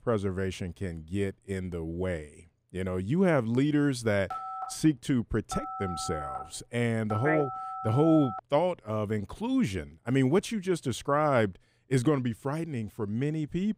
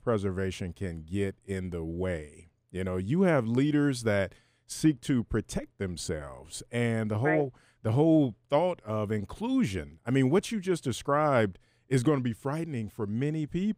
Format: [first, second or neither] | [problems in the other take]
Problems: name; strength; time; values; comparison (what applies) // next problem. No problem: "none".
second | phone ringing; noticeable; from 4.5 to 8.5 s; peak 7 dB below the speech